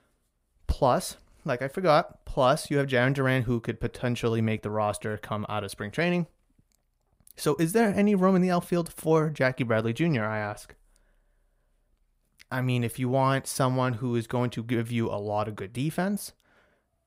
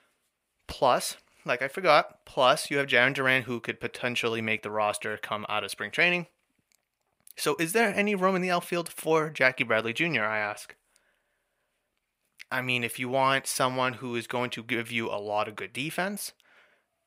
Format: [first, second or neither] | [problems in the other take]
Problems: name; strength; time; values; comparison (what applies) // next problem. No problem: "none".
first | thin; somewhat; fading below 1 kHz